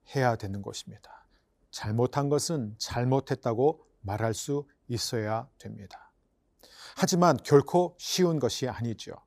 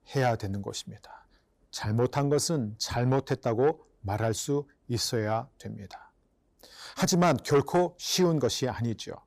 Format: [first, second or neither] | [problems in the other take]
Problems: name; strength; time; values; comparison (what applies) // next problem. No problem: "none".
first | distortion; slight; 10 dB below the speech